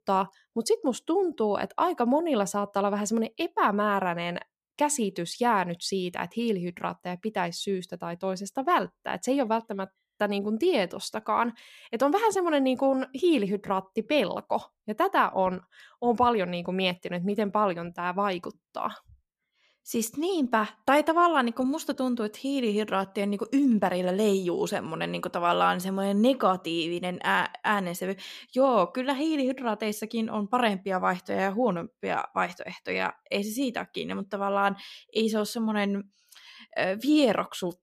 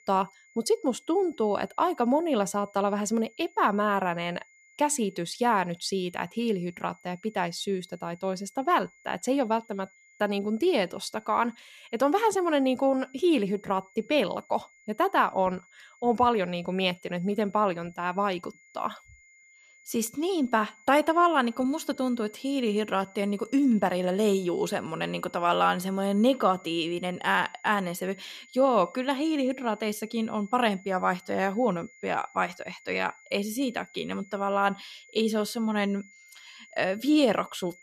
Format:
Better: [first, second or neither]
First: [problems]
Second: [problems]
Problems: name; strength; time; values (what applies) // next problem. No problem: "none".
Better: first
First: none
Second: high-pitched whine; faint; throughout; 2 kHz, 25 dB below the speech